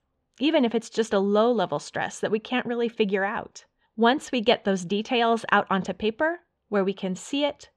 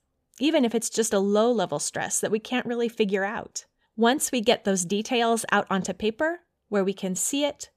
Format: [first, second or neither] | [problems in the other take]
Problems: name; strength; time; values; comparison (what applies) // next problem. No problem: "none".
second | muffled; slightly; fading above 3 kHz